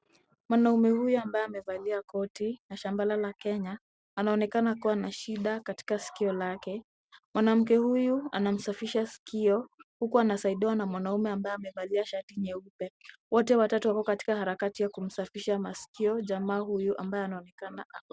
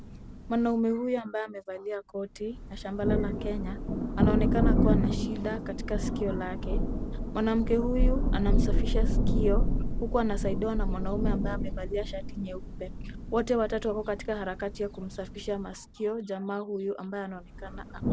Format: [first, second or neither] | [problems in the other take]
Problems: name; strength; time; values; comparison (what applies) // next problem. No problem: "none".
first | background sound (Thunder); 3 dB above the speech